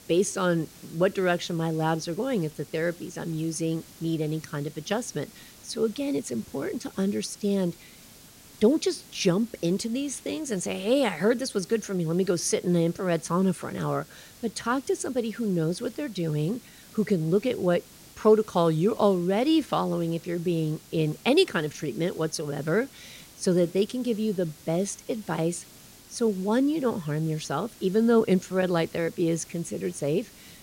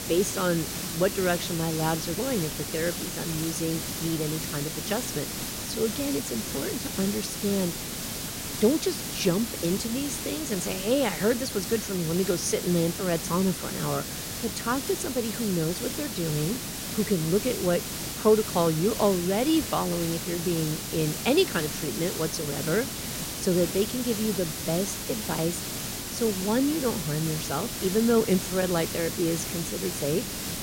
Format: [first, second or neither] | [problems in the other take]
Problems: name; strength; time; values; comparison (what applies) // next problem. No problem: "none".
first | hiss; loud; throughout; 4 dB below the speech; faint in the first